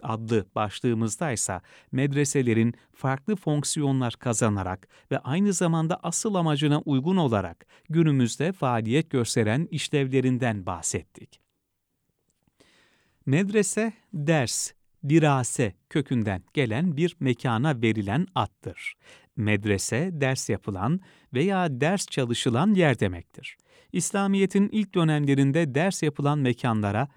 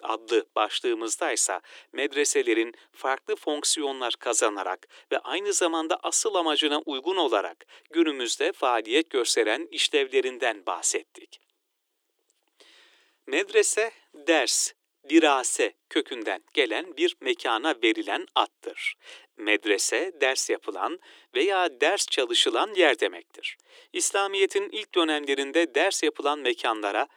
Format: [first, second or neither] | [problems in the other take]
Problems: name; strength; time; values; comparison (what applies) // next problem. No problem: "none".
first | thin; very; fading below 300 Hz